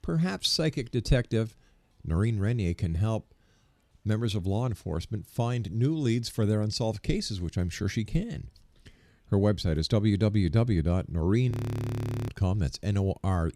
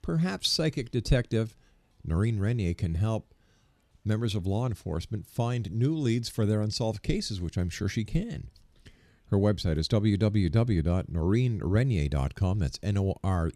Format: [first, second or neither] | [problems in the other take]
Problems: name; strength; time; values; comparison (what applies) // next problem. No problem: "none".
second | audio freezing; at 12 s for 1 s